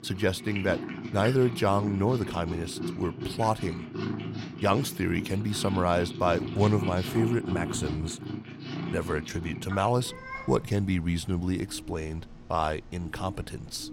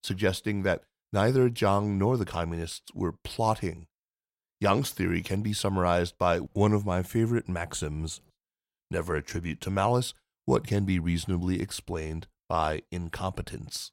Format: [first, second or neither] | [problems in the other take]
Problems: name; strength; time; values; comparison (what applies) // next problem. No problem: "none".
second | animal sounds; loud; throughout; 8 dB below the speech